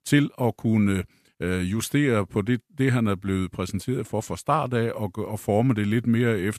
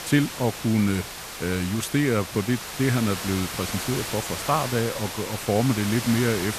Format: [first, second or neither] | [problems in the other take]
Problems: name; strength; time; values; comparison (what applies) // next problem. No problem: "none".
first | hiss; loud; throughout; 6 dB below the speech